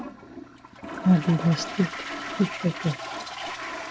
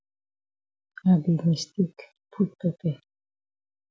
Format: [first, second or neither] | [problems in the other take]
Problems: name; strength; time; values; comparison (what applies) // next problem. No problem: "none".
second | background sound (Toilet flush); 8 dB below the speech